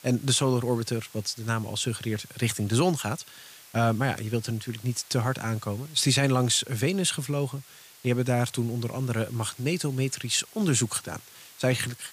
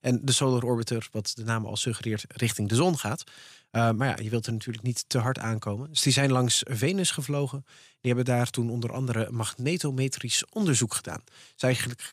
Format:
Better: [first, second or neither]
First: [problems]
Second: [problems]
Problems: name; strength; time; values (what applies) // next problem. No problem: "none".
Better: second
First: hiss; faint; throughout; 20 dB below the speech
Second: none